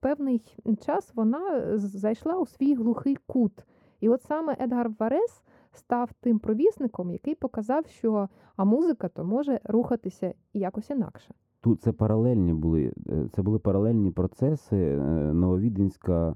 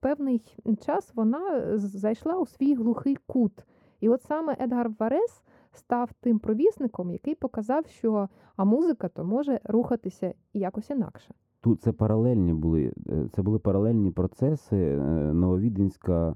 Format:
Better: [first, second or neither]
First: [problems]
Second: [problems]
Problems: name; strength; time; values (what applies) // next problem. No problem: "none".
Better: neither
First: muffled; very; fading above 1.5 kHz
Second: muffled; very; fading above 1.5 kHz